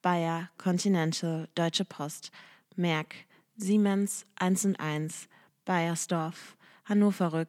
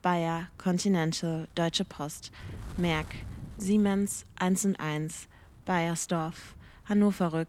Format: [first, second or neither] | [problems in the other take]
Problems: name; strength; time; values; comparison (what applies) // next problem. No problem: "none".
first | wind noise on the microphone; occasional gusts; 25 dB below the speech